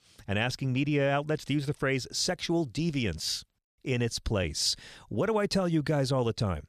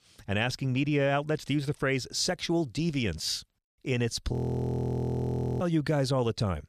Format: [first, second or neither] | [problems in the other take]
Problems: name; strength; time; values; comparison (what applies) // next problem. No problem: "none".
first | audio freezing; at 4.5 s for 1.5 s